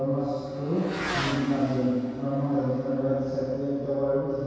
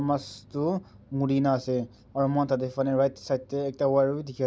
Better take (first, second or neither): second